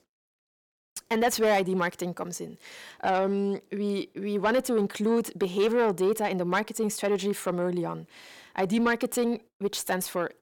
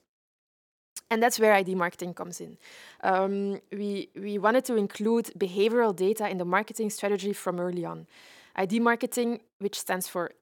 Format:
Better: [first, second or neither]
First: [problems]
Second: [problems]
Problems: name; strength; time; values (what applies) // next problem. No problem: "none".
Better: second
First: distortion; slight; 10 dB below the speech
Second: none